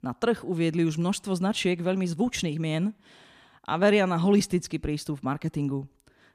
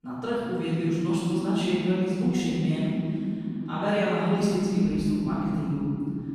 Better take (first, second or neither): first